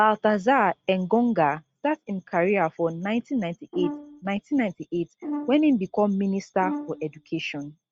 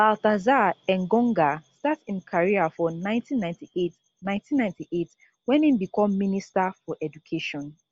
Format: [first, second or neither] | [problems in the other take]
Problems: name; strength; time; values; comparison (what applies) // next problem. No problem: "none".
second | noise reduction (neural mask model RNNoise)